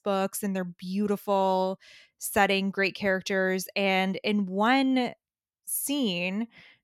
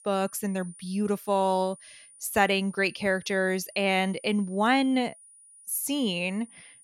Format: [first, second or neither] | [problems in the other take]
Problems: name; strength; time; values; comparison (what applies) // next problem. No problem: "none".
first | high-pitched whine; faint; throughout; 9.5 kHz, 20 dB below the speech